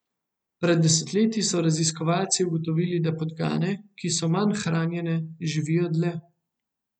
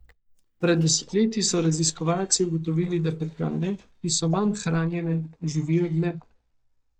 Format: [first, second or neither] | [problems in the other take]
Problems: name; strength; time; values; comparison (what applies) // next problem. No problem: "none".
first | noise reduction (neural mask model DeepFilterNet 3)